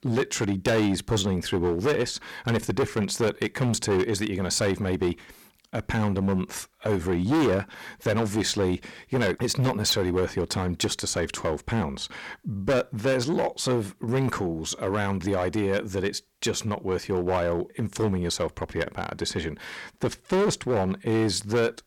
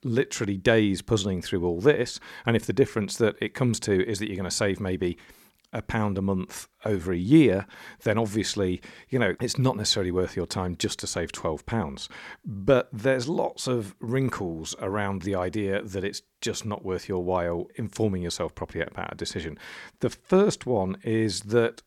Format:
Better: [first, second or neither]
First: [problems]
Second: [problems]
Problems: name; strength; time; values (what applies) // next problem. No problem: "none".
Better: second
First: distortion; heavy; 10% of the sound clipped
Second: none